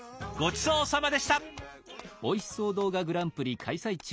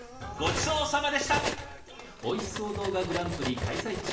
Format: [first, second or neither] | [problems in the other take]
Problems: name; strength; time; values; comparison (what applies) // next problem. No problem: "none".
first | background sound (Cutlery, silverware); 5 dB below the speech // room echo; dies away in 0.8 s